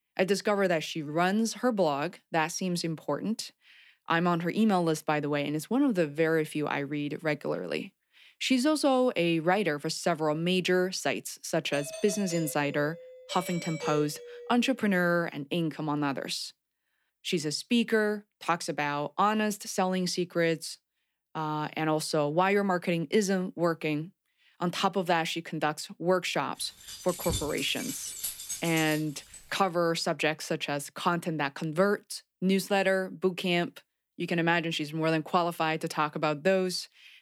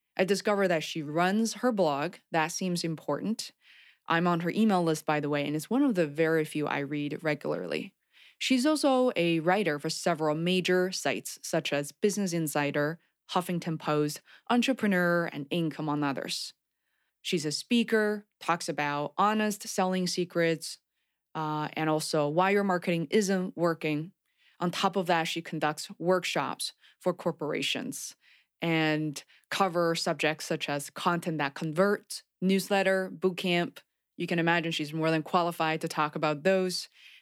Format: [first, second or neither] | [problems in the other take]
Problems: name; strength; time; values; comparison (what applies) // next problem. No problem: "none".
second | doorbell; noticeable; from 12 to 15 s; peak 8 dB below the speech // jangling keys; noticeable; from 27 to 29 s; peak 5 dB below the speech